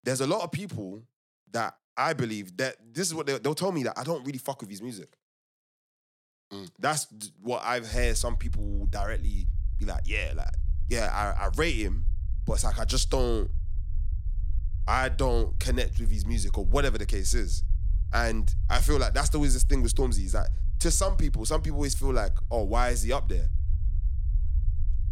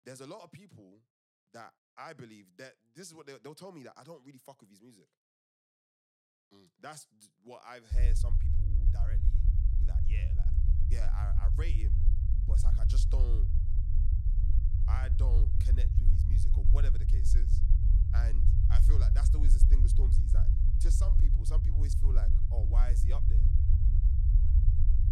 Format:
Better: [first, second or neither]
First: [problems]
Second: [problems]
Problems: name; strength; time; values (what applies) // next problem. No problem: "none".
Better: first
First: low rumble; faint; from 8 s on; 20 dB below the speech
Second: low rumble; loud; from 8 s on; 1 dB below the speech